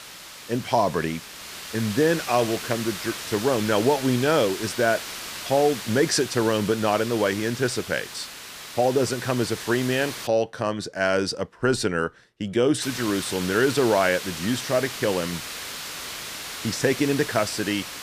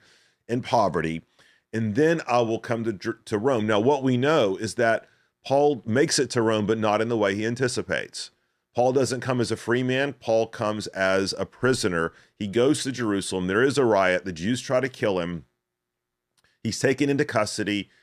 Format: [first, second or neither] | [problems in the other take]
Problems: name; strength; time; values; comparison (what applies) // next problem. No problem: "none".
second | hiss; loud; until 10 s and from 13 s on; 9 dB below the speech